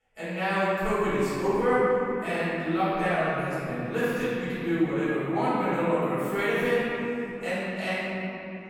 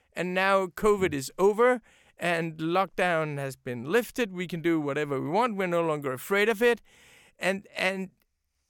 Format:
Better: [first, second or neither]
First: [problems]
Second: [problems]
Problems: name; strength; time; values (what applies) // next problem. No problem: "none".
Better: second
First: off-mic speech; far // room echo; strong; dies away in 3 s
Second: none